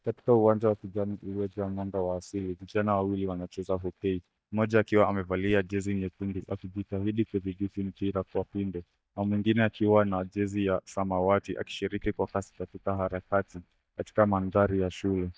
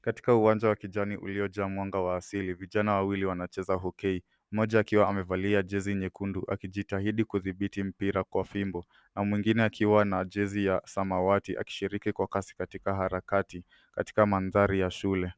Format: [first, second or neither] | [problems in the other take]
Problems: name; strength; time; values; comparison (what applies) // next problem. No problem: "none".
second | noise reduction (neural mask model DeepFilterNet 3)